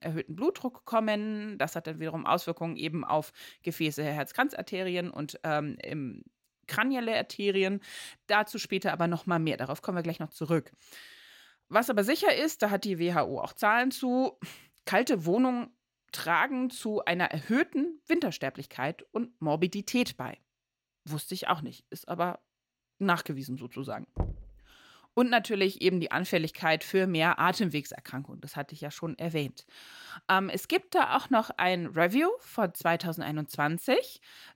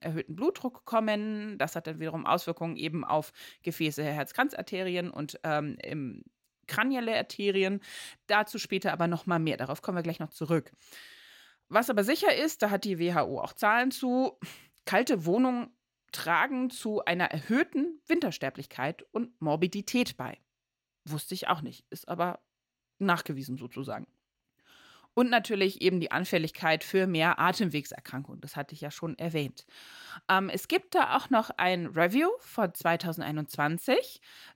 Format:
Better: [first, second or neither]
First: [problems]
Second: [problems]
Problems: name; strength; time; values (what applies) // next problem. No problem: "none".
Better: second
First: door banging; noticeable; at 24 s; peak 7 dB below the speech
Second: none